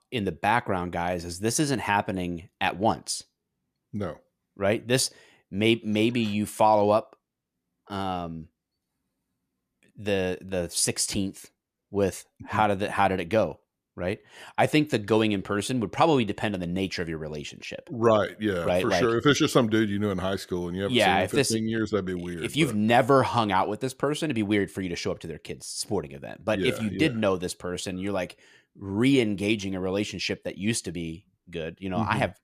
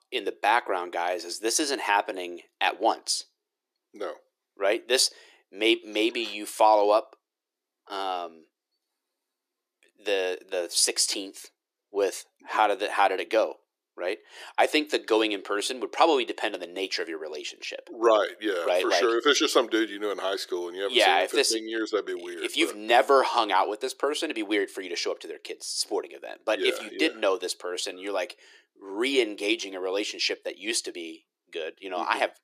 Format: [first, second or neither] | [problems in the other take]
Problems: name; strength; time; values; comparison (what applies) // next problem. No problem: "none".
first | thin; very; fading below 350 Hz